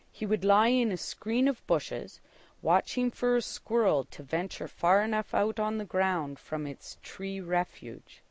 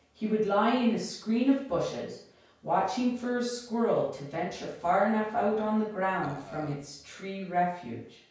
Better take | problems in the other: first | background sound (Burping, eructation); 16 dB below the speech // room echo; dies away in 0.5 s

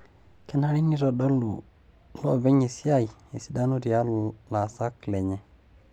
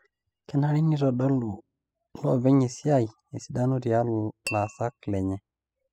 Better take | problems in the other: first | noise reduction (classical method spectral subtraction)

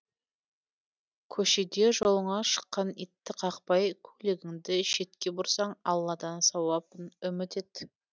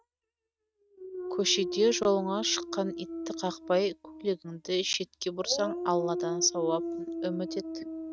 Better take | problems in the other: first | noise reduction (neural mask model RNNoise)

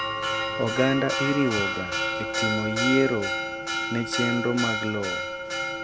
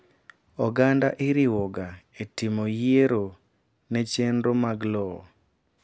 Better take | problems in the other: second | background sound (Church bell); 1 dB below the speech

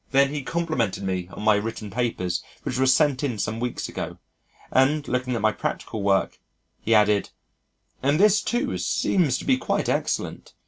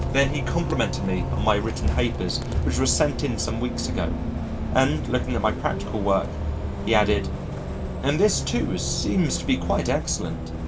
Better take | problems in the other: first | background sound (Bus); 2 dB below the speech

